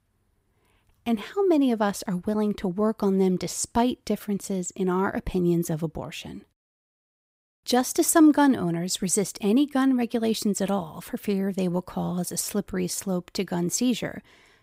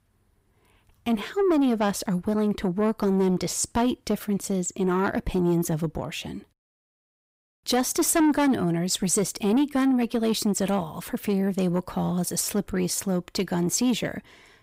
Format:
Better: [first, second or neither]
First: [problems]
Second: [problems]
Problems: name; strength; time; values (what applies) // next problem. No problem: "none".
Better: first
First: none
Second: distortion; slight; 10 dB below the speech